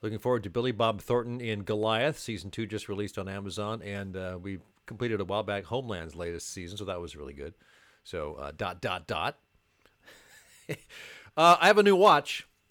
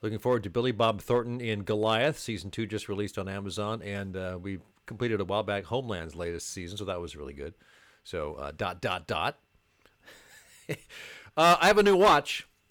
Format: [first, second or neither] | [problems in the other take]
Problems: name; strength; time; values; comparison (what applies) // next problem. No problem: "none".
first | distortion; slight; 1.3% of the sound clipped